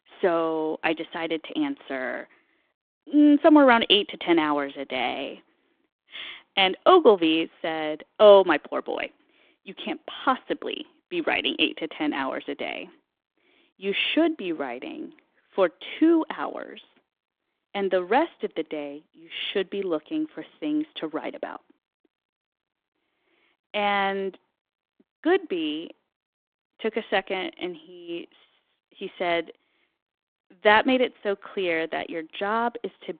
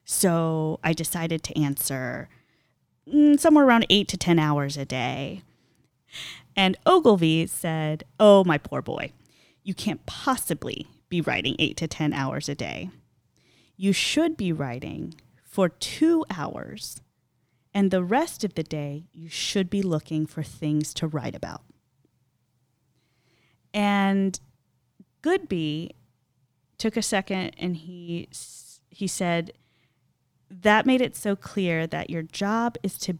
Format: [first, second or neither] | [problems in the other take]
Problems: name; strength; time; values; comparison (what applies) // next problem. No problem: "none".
second | phone-call audio; nothing above 3.5 kHz